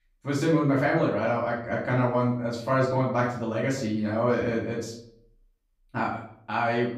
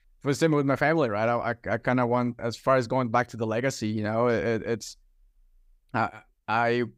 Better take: second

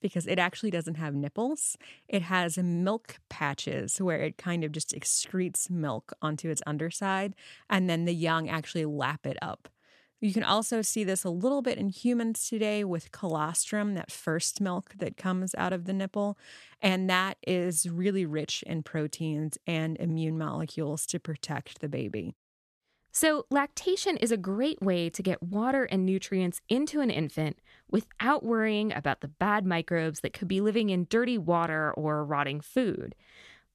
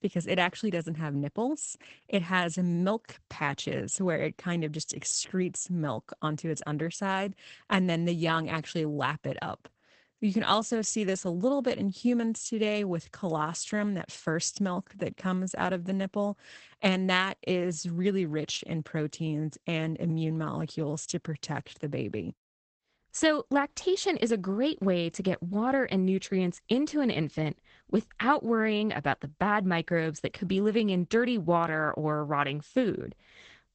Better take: first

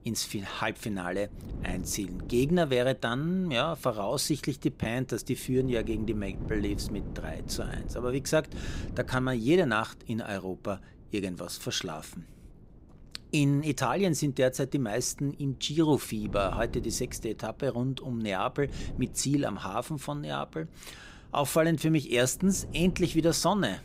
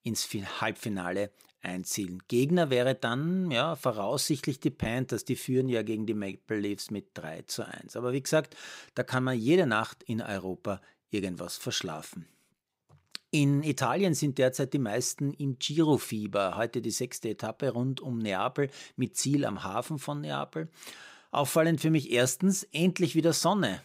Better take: second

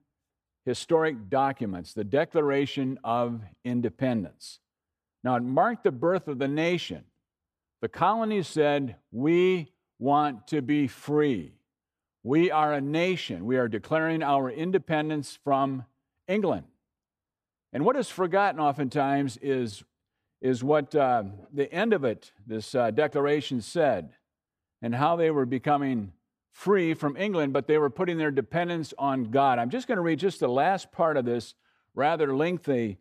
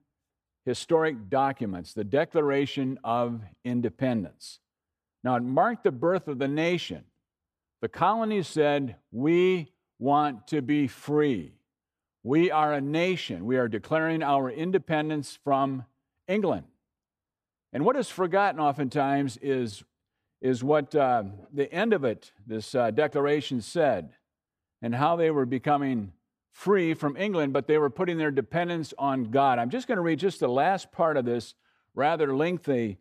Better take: neither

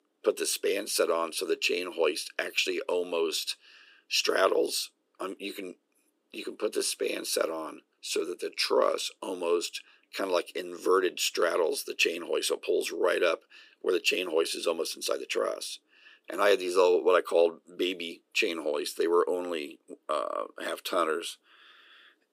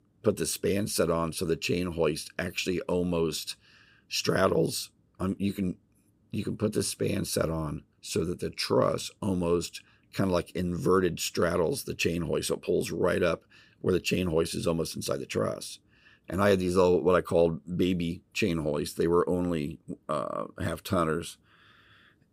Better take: second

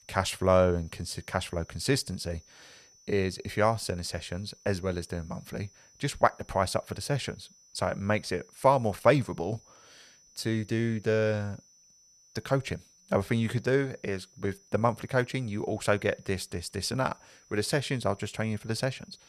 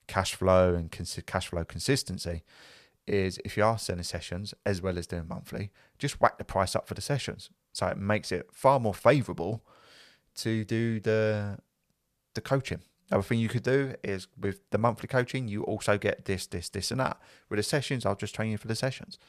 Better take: second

